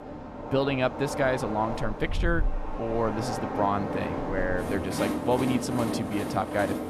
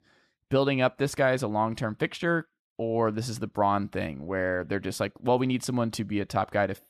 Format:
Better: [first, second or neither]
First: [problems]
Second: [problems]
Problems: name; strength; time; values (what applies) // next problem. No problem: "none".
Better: second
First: train or aircraft noise; loud; throughout; 3 dB below the speech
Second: none